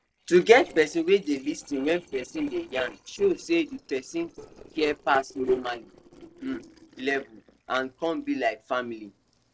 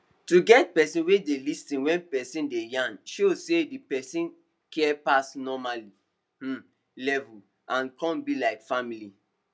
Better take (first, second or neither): second